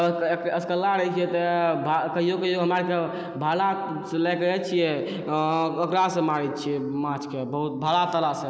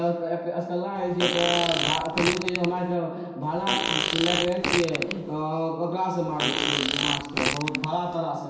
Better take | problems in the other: first | background sound (Fart); 1 dB below the speech // room echo; dies away in 0.6 s

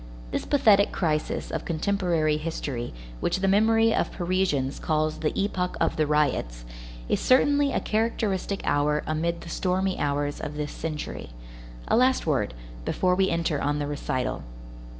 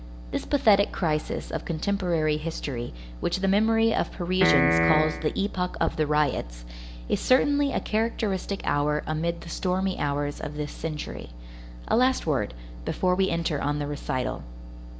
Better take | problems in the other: first | background sound (Piano); 2 dB above the speech

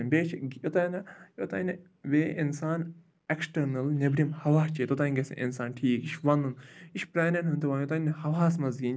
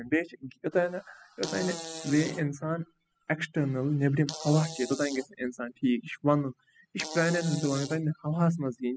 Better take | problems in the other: first | noise reduction (classical method spectral subtraction)

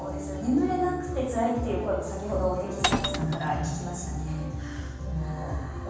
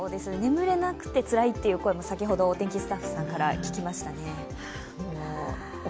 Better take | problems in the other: second | background sound (Glass); 2 dB below the speech // room echo; dies away in 1.2 s

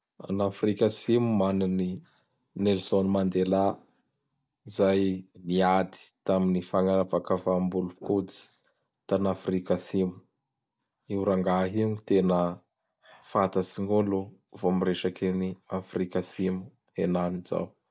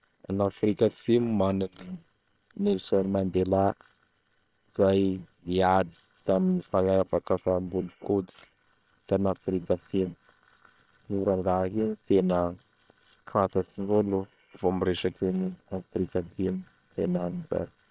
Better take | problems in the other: first | noise reduction (neural separator model SepFormer WHAM!)

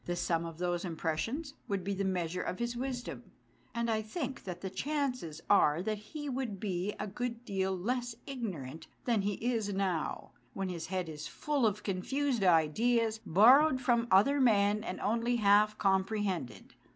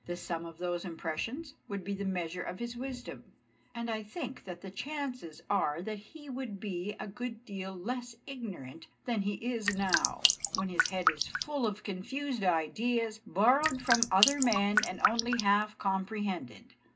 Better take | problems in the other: first | background sound (Drip); 2 dB above the speech // room echo; dies away in 0.2 s

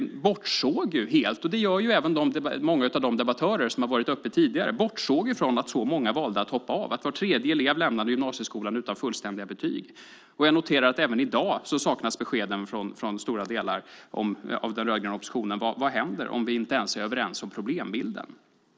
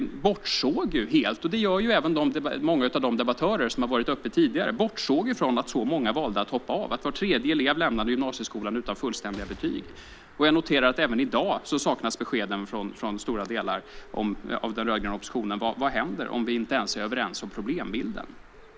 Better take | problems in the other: first | background sound (Boom + Bird); 18 dB below the speech

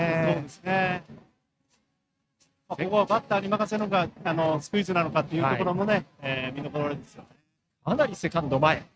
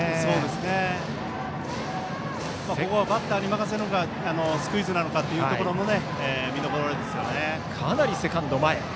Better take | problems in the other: second | noise reduction (neural mask model RNNoise)

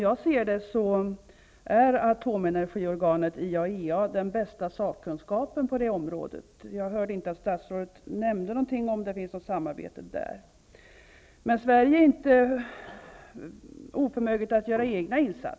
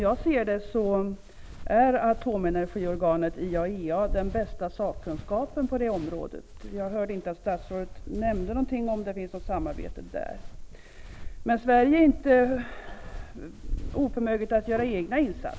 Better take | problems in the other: first | background sound (Walk, footsteps); 10 dB below the speech

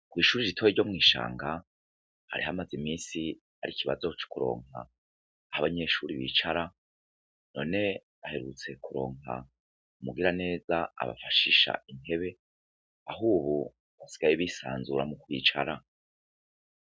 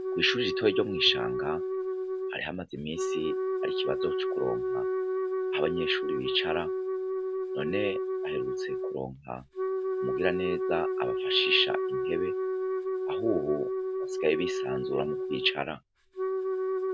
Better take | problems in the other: first | background sound (Wind instrument, woodwind instrument); 2 dB above the speech

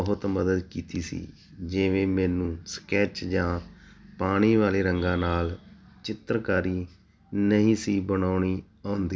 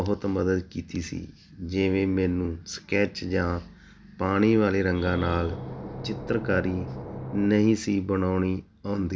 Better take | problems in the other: first | background sound (Engine / Boat, Water vehicle); 10 dB below the speech

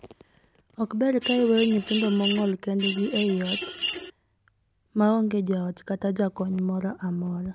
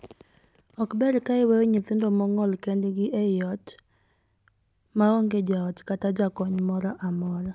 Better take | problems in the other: second | background sound (Mechanisms); 6 dB below the speech

